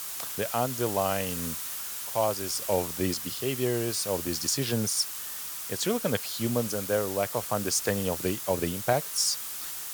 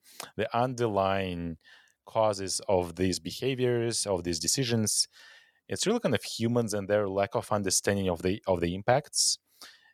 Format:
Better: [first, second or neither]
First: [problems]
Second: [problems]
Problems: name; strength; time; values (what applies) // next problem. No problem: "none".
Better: second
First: hiss; loud; throughout; 4 dB below the speech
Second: none